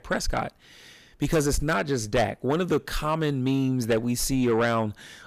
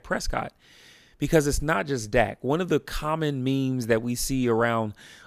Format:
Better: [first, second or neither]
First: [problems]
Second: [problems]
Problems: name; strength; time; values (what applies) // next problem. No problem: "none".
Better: second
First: distortion; slight; 10 dB below the speech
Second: none